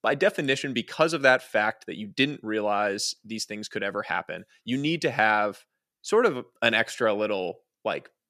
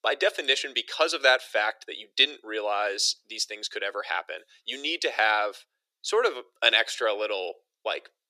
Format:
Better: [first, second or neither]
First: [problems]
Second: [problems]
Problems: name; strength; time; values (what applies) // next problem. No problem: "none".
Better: first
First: none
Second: thin; very; fading below 350 Hz